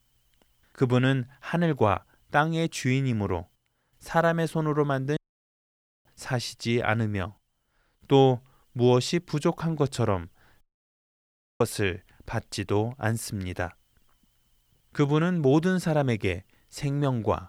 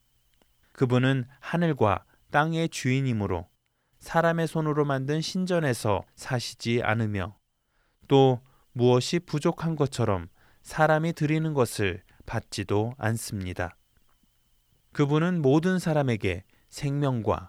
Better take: second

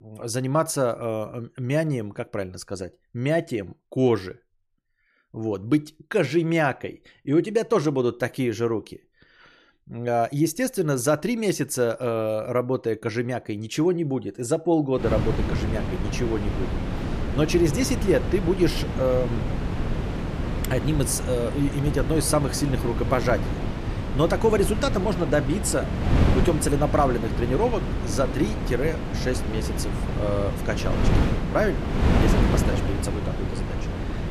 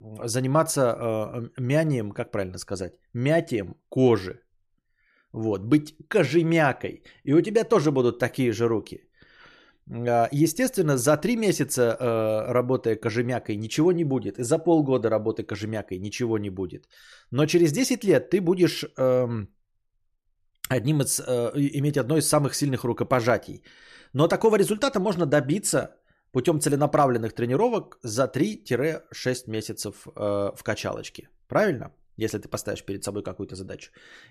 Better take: second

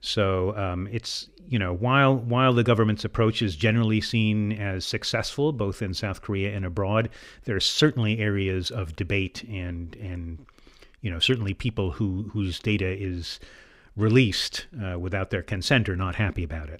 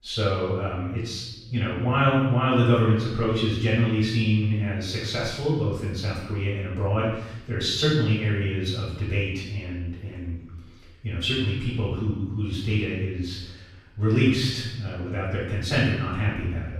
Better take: first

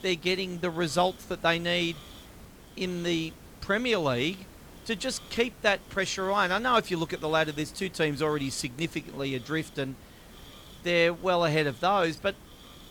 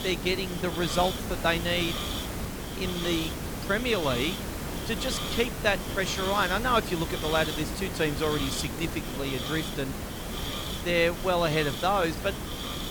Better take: first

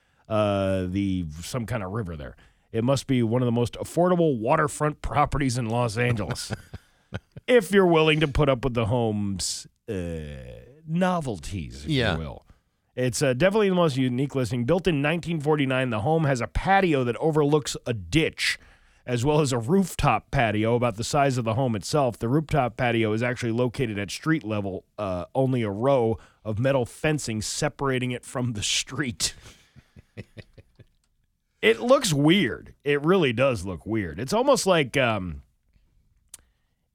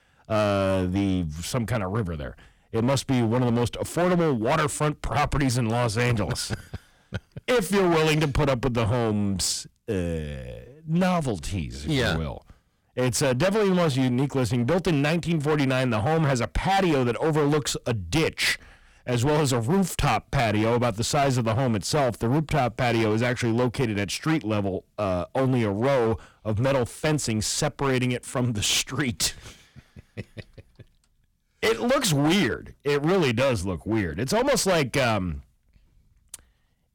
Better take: first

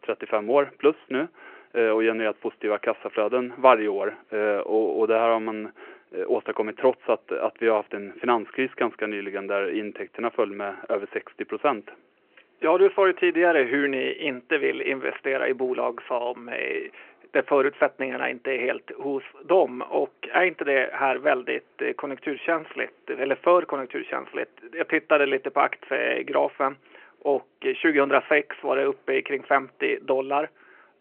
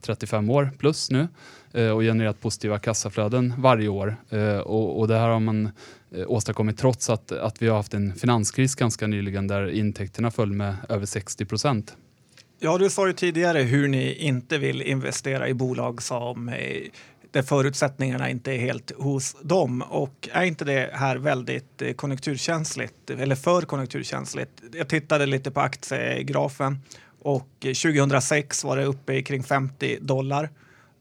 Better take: second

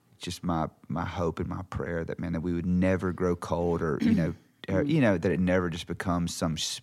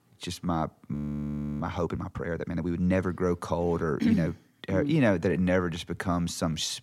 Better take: first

